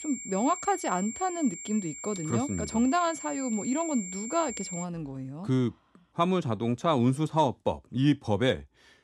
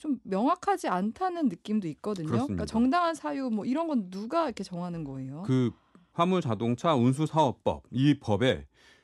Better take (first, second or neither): second